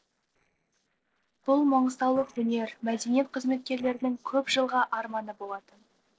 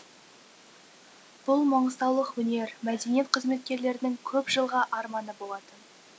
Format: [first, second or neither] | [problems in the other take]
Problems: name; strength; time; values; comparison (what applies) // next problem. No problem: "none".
second | noise reduction (neural separator model SepFormer DNS4)